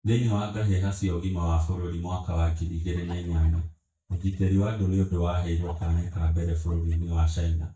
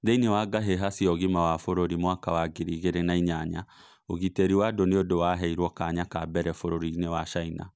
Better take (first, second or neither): second